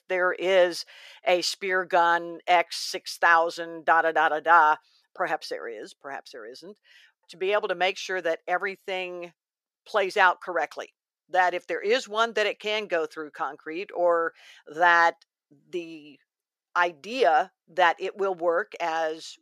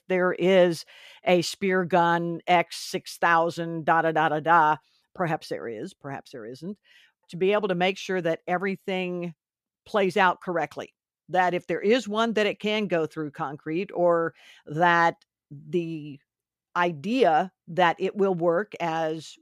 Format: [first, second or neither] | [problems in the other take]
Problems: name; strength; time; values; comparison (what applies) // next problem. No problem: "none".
second | thin; very; fading below 500 Hz